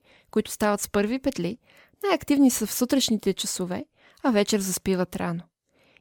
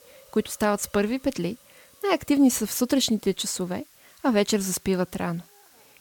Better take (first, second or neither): first